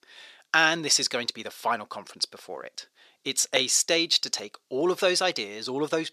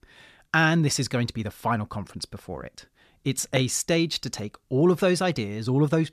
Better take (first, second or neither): second